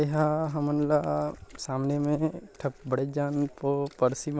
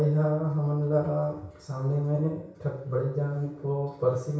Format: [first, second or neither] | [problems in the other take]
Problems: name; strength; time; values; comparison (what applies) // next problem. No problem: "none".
first | room echo; dies away in 0.6 s